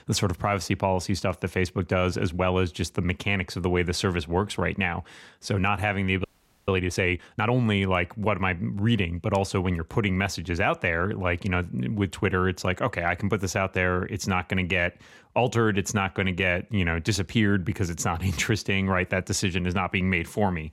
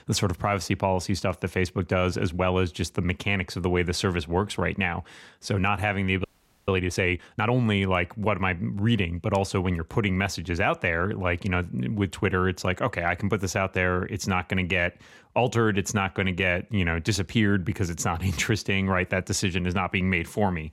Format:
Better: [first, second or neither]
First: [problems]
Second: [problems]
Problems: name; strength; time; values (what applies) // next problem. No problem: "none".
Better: neither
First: audio freezing; at 6 s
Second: audio freezing; at 6 s